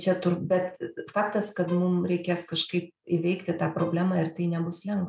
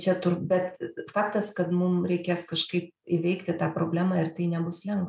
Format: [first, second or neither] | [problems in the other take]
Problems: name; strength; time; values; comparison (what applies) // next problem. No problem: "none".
second | background sound (Bowed string instrument); 16 dB below the speech